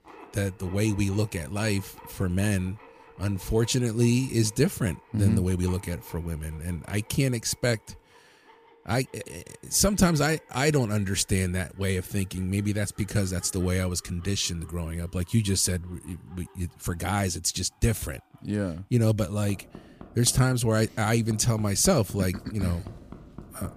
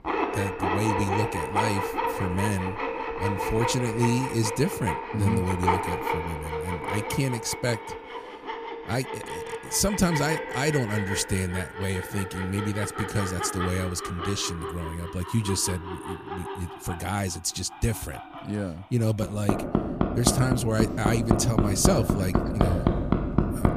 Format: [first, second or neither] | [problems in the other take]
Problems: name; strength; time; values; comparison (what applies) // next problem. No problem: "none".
first | machinery noise; loud; throughout; 2 dB below the speech; faint in the first